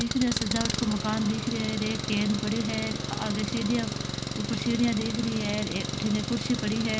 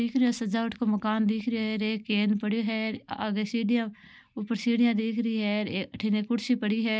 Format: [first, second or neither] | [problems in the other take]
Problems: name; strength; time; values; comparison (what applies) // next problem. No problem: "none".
second | background sound (Engine); 3 dB below the speech